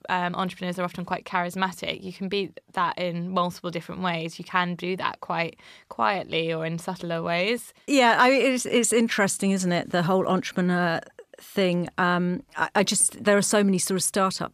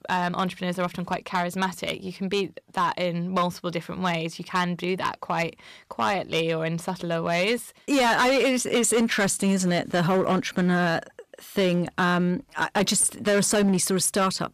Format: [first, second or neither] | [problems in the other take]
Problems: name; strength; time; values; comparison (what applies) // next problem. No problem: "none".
first | distortion; slight; 7% of the sound clipped